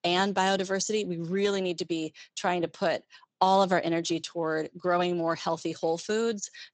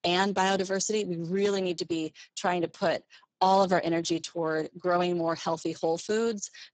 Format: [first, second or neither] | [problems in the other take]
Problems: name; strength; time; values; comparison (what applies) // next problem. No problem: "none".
first | garbled, watery; badly; nothing above 7.5 kHz; slightly in the first